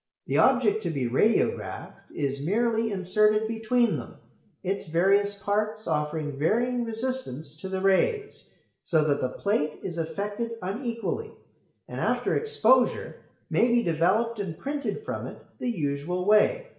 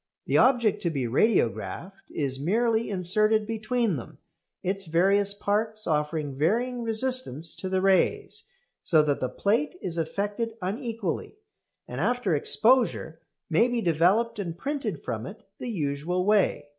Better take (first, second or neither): second